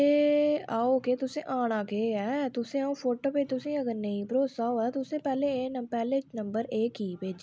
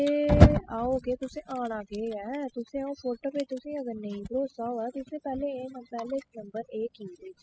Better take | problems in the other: first | noise reduction (classical method spectral subtraction)

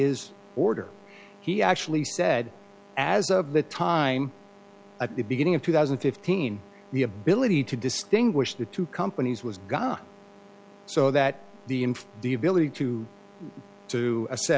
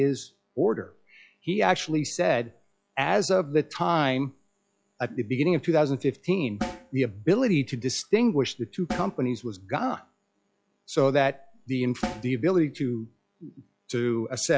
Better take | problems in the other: first | noise reduction (classical method log-MMSE)

